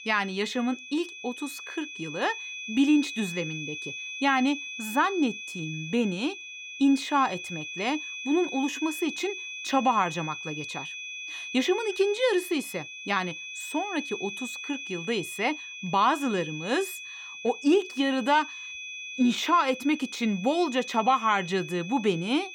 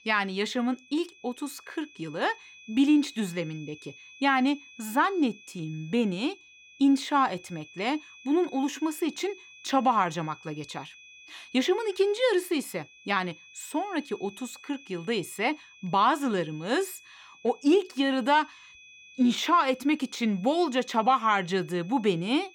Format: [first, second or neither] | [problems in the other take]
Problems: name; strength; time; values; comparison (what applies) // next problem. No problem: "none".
second | high-pitched whine; loud; throughout; 2.5 kHz, 9 dB below the speech; faint in the second